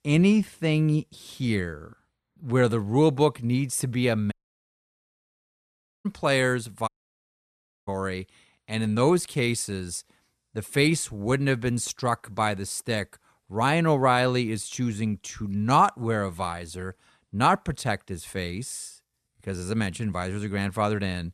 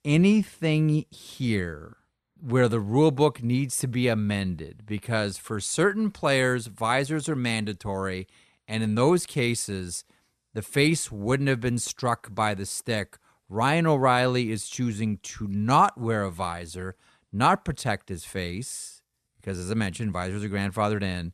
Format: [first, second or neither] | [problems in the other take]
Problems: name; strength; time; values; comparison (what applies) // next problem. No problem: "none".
second | audio cutting out; at 4.5 s for 1.5 s and at 7 s for 1 s